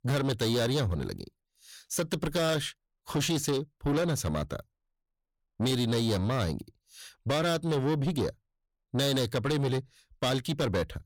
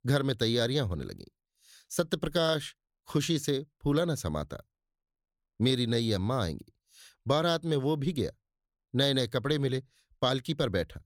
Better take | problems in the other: second | distortion; heavy; 8 dB below the speech

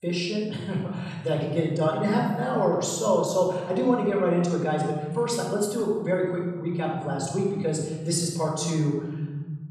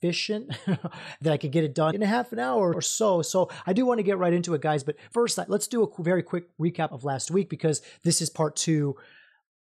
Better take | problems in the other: second | off-mic speech; far // room echo; noticeable; dies away in 1.9 s

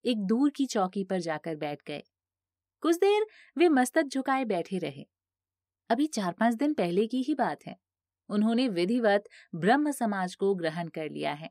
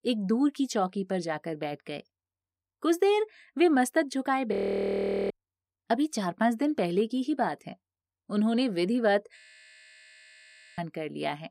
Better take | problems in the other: first | audio freezing; at 4.5 s for 1 s and at 9.5 s for 1.5 s

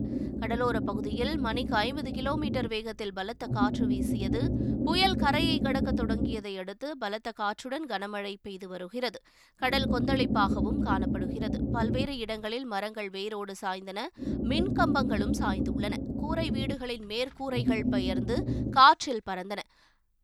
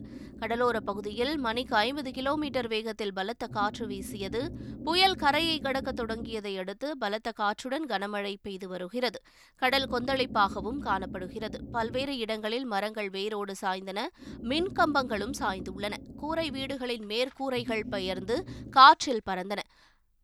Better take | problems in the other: second | low rumble; loud; until 6.5 s, from 9.5 to 12 s and from 14 to 19 s; 7 dB below the speech; faint in the second

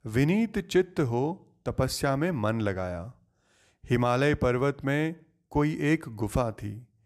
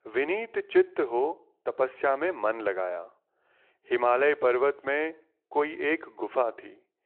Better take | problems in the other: first | phone-call audio

